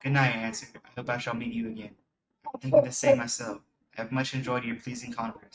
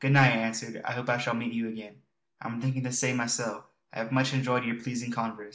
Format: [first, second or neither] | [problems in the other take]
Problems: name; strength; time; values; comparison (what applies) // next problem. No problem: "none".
second | noise reduction (neural mask model RNNoise)